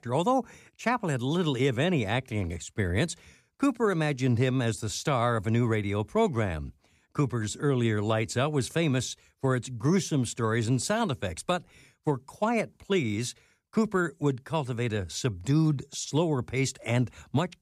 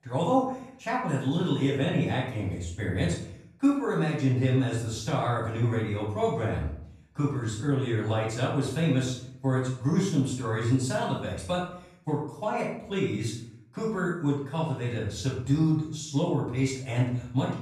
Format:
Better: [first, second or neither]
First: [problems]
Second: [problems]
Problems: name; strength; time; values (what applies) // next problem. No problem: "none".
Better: first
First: none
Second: off-mic speech; far // room echo; noticeable; dies away in 0.5 s